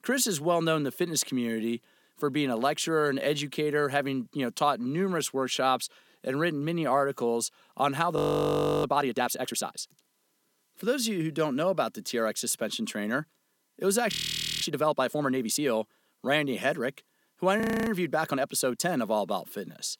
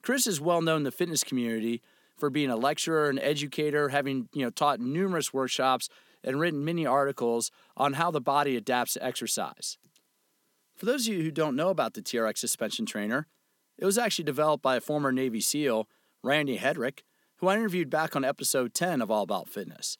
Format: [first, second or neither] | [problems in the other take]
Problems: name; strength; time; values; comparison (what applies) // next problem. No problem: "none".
second | audio freezing; at 8 s for 0.5 s, at 14 s for 0.5 s and at 18 s